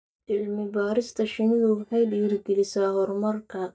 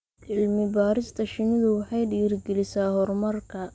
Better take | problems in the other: second | noise reduction (neural mask model DeepFilterNet 3)

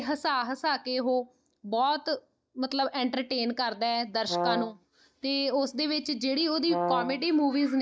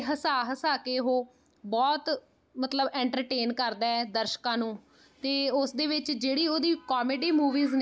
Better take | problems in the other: second | noise reduction (neural mask model DeepFilterNet 3)

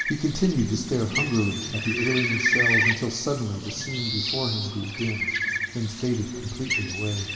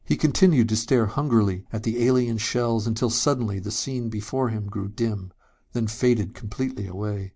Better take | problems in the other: second | background sound (Bird); 1 dB below the speech // room echo; dies away in 2.3 s

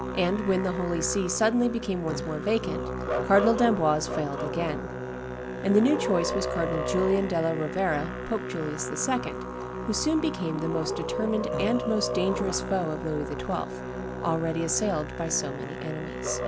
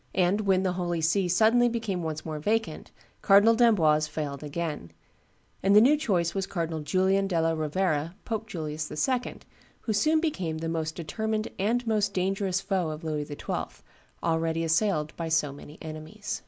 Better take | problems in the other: second | background sound (Musical instrument); 4 dB below the speech

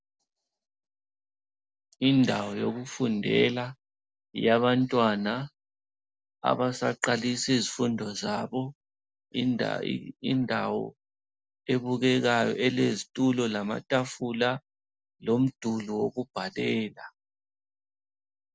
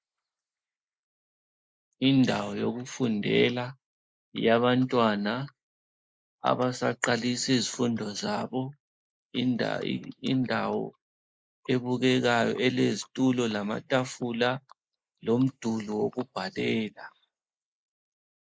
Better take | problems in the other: first | noise reduction (neural mask model Resemble Enhance denoiser)

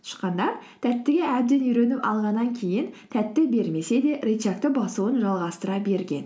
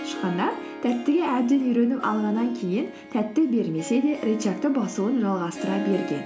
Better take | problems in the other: first | background sound (Harp); 11 dB below the speech

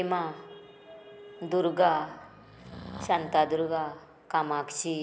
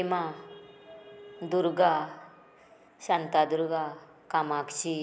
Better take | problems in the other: second | background sound (Breathing); 18 dB below the speech

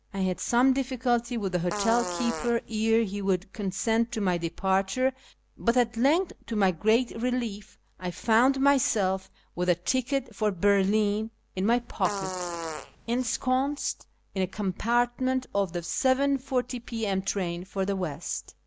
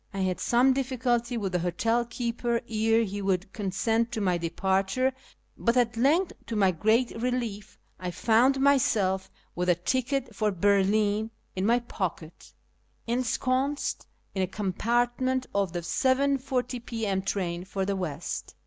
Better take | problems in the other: second | background sound (Fart); 8 dB below the speech

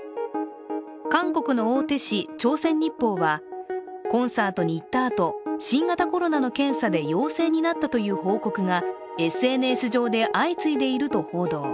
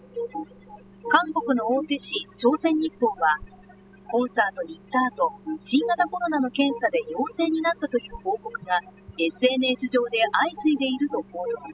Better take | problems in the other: first | noise reduction (classical method spectral subtraction)

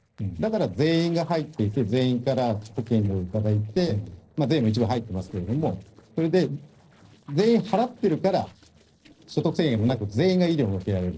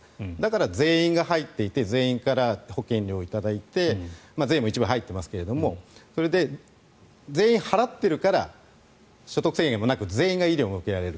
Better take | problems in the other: second | noise reduction (neural separator model SepFormer DNS4)

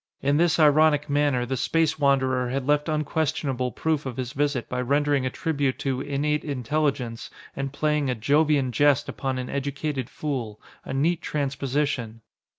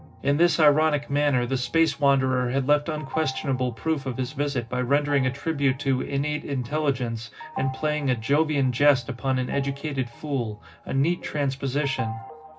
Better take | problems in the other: first | background sound (Organ); 17 dB below the speech // room echo; dies away in 0.4 s

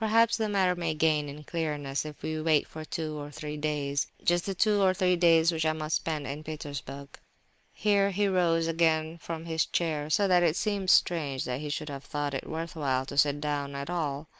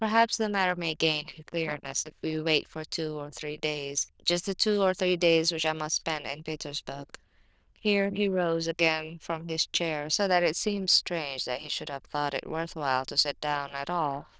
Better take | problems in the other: first | noise reduction (neural diffusion model UNIVERSE++)

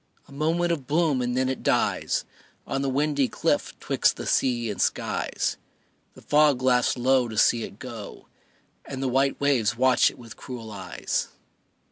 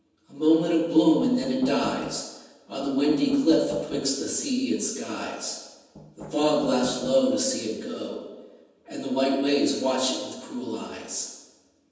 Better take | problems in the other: first | background sound (Knock); 14 dB below the speech // room echo; dies away in 1.1 s

